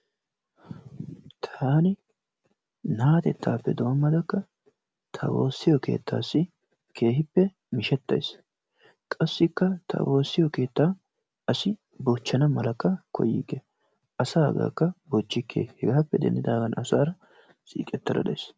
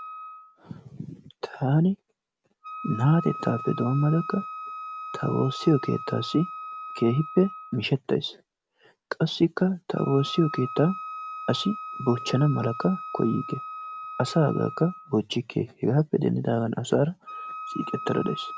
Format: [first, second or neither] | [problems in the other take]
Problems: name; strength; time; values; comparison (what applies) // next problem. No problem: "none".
first | background sound (Wind instrument, woodwind instrument); 12 dB below the speech